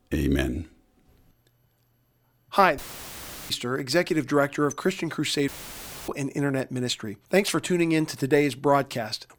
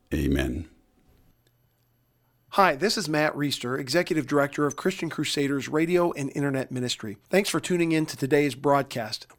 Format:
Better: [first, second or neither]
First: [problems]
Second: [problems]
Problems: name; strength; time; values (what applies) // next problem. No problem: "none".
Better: second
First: audio cutting out; filled with static; at 3 s for 0.5 s and at 5.5 s for 0.5 s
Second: none